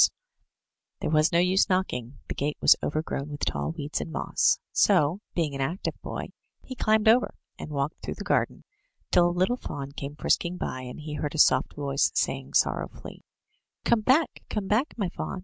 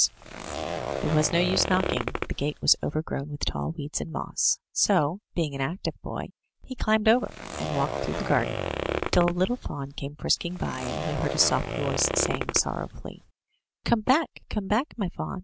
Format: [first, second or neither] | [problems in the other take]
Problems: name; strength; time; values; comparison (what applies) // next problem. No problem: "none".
first | background sound (Zipper (clothing)); 5 dB below the speech